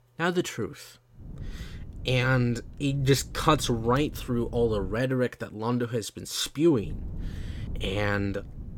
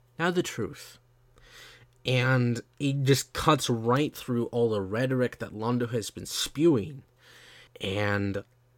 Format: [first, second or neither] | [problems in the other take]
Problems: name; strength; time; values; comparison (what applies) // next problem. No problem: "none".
second | wind noise on the microphone; occasional gusts; from 1 to 5 s and from 7 s on; 25 dB below the speech